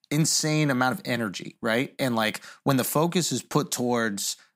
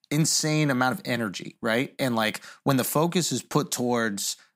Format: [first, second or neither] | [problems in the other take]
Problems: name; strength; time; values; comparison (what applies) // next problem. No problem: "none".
neither | none